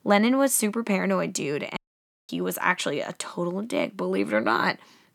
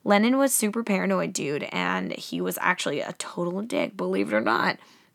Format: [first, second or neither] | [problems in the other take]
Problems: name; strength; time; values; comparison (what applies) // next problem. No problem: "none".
second | audio cutting out; at 2 s for 0.5 s